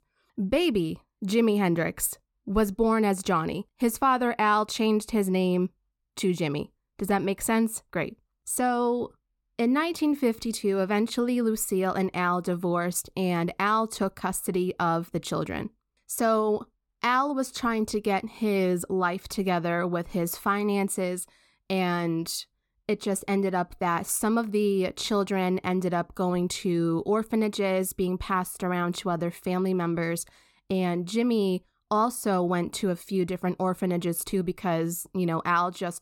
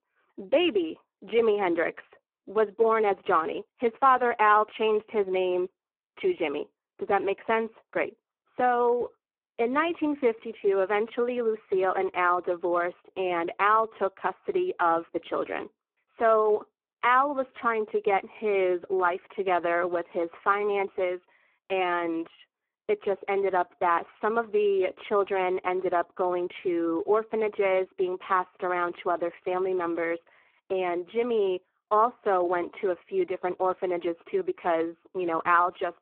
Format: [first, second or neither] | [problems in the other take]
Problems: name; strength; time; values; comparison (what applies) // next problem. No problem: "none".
first | phone-call audio; poor line